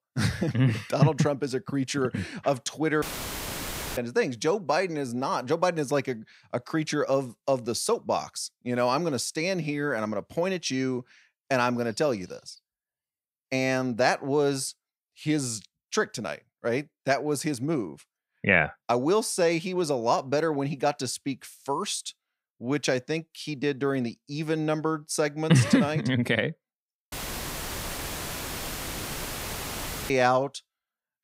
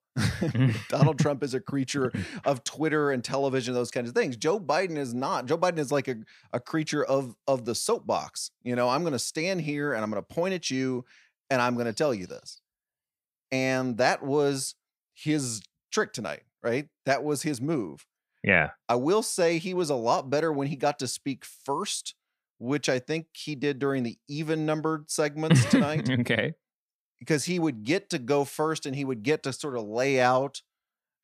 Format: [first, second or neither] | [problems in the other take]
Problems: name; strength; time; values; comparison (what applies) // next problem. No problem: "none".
second | audio cutting out; filled with static; at 3 s for 1 s and at 27 s for 3 s